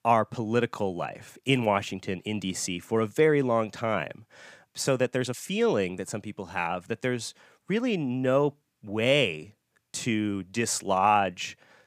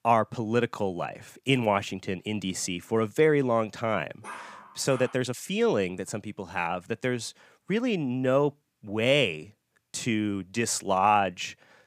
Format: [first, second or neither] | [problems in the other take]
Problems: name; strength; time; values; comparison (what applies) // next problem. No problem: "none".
first | dog barking; faint; at 4 s; peak 15 dB below the speech